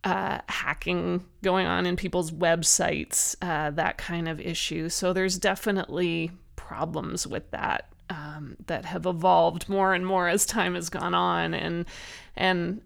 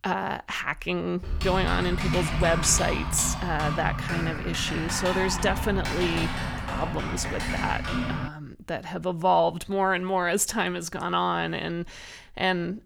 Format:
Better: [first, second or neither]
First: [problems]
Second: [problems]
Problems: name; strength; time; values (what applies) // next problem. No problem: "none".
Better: first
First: none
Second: keyboard typing; noticeable; from 1 to 8.5 s; peak level with the speech